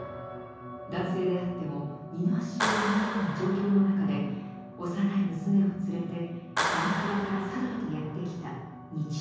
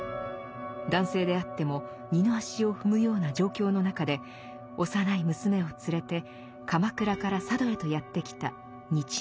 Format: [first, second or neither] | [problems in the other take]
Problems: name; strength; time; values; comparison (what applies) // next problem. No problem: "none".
second | background sound (Clapping); 7 dB below the speech // room echo; dies away in 1.3 s